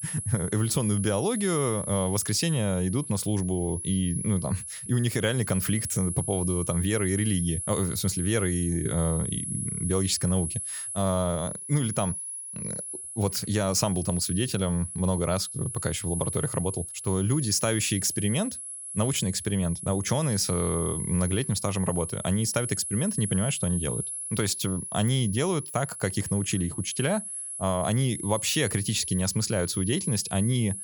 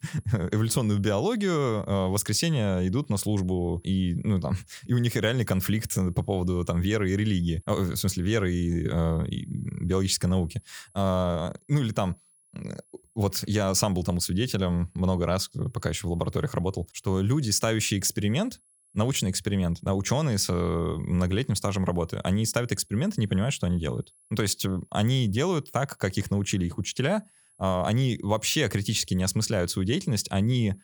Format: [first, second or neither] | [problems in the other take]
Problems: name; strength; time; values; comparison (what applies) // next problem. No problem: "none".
second | high-pitched whine; loud; throughout; 10.5 kHz, 5 dB below the speech; faint in the second